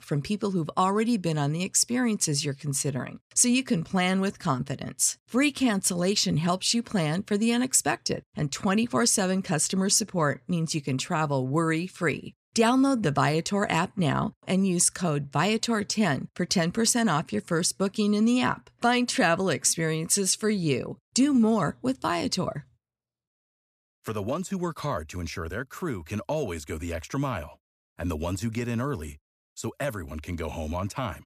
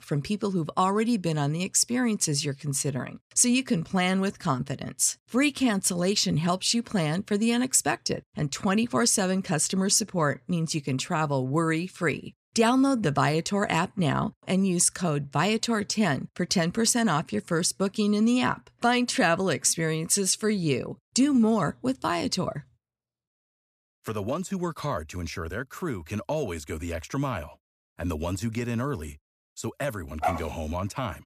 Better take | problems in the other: first | dog barking; noticeable; at 30 s; peak 4 dB below the speech

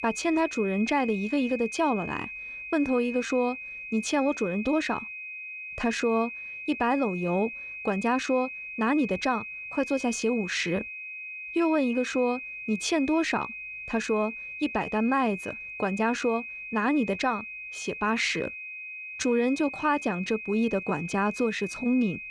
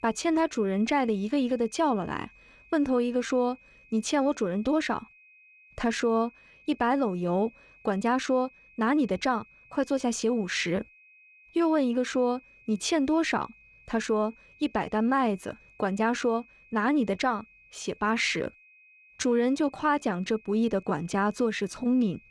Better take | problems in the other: second | high-pitched whine; loud; throughout; 2.5 kHz, 8 dB below the speech; faint in the second

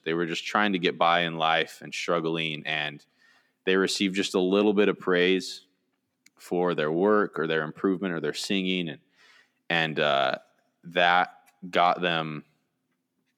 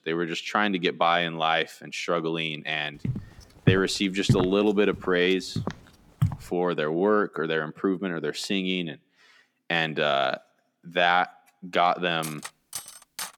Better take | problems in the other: first | footsteps; noticeable; from 3 to 6.5 s; peak 1 dB below the speech // clattering dishes; faint; from 12 s on; peak 10 dB below the speech

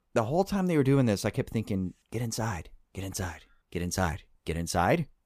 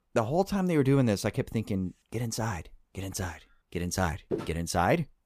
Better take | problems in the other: first | footsteps; noticeable; at 4.5 s; peak 6 dB below the speech

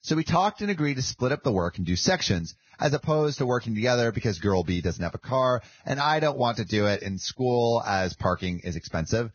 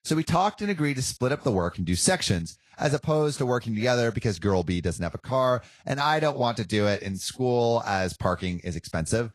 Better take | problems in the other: second | garbled, watery; badly; nothing above 6.5 kHz; slightly in the second

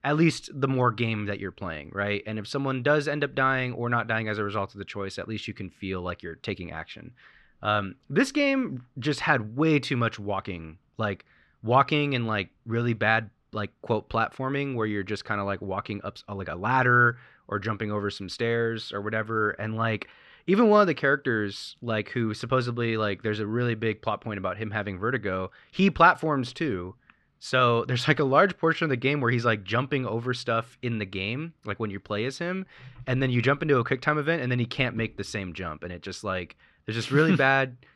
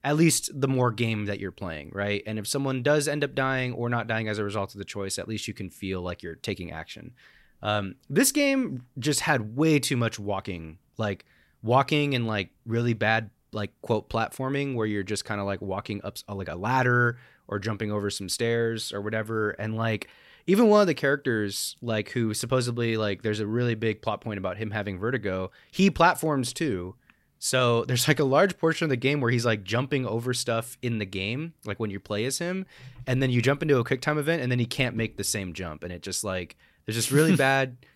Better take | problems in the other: second | muffled; slightly; fading above 3 kHz

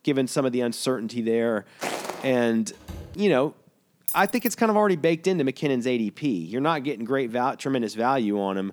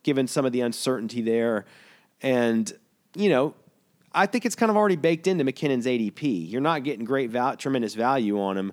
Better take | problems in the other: second | footsteps; noticeable; at 2 s; peak 6 dB below the speech // door banging; faint; at 3 s; peak 15 dB below the speech // jangling keys; noticeable; at 4 s; peak 4 dB below the speech

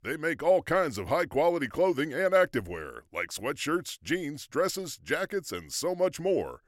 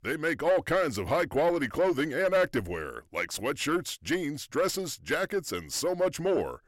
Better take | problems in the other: first | distortion; slight; 10 dB below the speech

